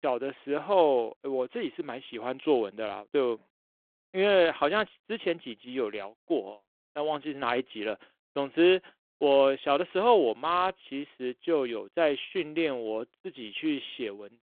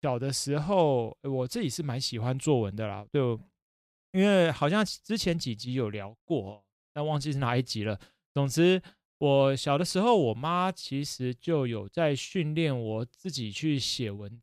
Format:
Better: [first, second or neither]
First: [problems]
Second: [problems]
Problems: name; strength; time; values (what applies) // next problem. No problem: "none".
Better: second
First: phone-call audio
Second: none